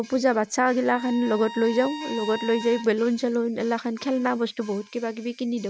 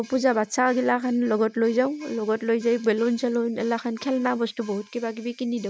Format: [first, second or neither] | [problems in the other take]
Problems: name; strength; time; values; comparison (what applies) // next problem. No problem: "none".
second | background sound (Bowed string instrument); 14 dB below the speech